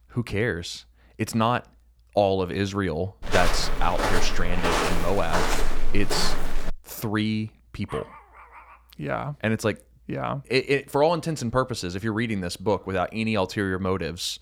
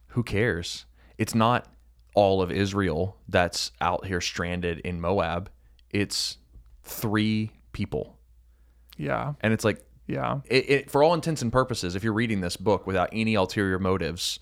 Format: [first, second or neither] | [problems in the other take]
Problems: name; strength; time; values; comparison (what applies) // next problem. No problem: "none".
second | footsteps; loud; from 3.5 to 7 s; peak 2 dB above the speech // dog barking; faint; at 8 s; peak 15 dB below the speech